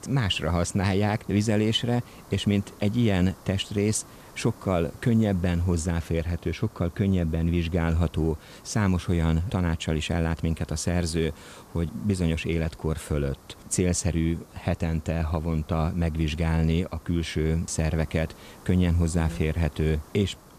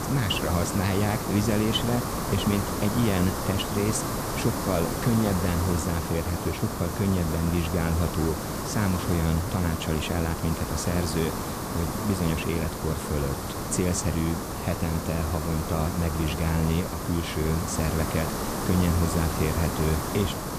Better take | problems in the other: first | hiss; loud; throughout; 3 dB below the speech; faint in the first

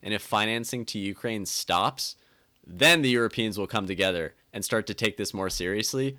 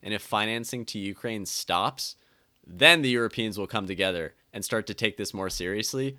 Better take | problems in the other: second | distortion; slight; 0.7% of the sound clipped

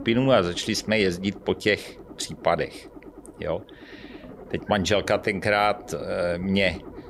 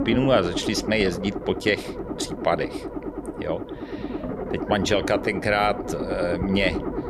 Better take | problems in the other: first | low rumble; loud; throughout; 9 dB below the speech; faint in the first

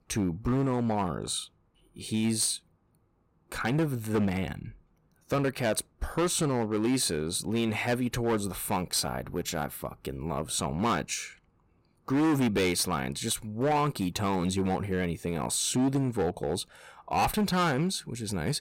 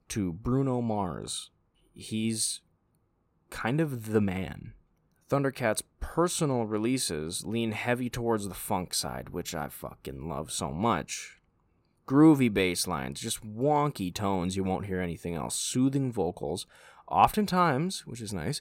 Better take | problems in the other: second | distortion; heavy; 8% of the sound clipped

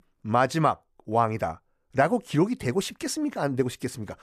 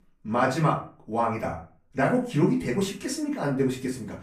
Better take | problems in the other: first | off-mic speech; far // room echo; slight; dies away in 0.3 s

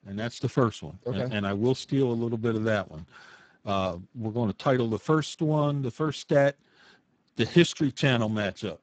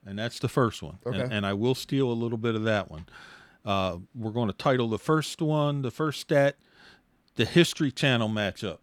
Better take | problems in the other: second | garbled, watery; badly; nothing above 7.5 kHz

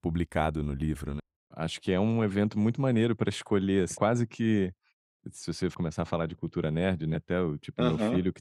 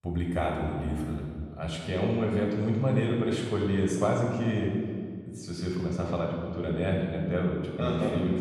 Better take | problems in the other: first | off-mic speech; far // room echo; noticeable; dies away in 1.7 s

